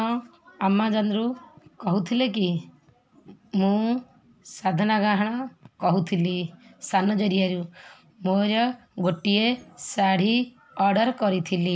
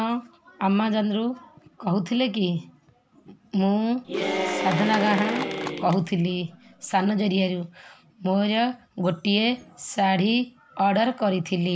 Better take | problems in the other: first | background sound (Applause / Cheering); 5 dB below the speech

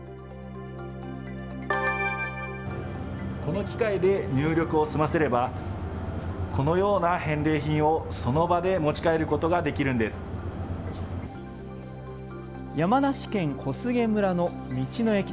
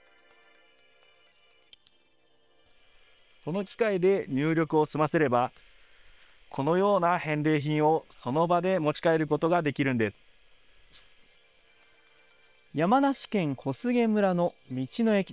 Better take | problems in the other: first | noise reduction (neural separator model SepFormer WHAM!)

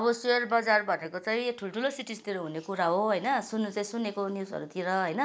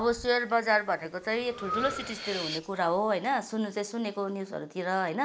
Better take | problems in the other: first | background sound (Breathing); 12 dB below the speech

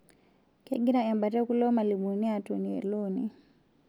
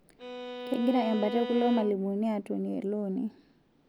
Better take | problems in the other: first | background sound (Bowed string instrument); 8 dB below the speech

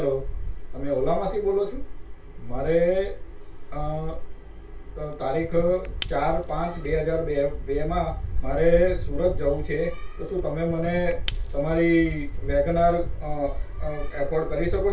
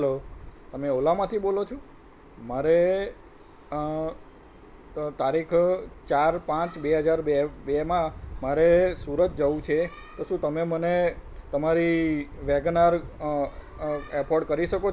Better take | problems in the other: second | background sound (Shatter / Crushing); 15 dB below the speech // room echo; dies away in 0.2 s

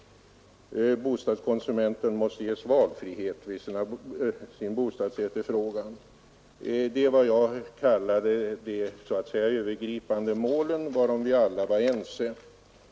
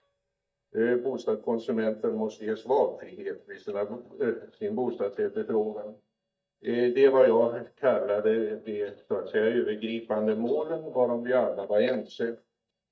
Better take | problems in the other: first | noise reduction (neural mask model DeepFilterNet 3)

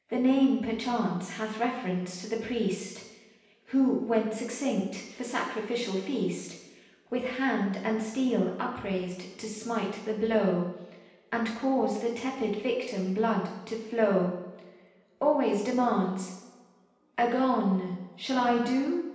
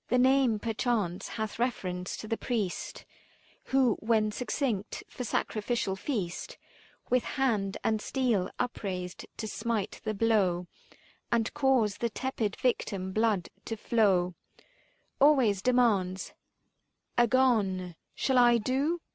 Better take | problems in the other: second | room echo; dies away in 0.9 s

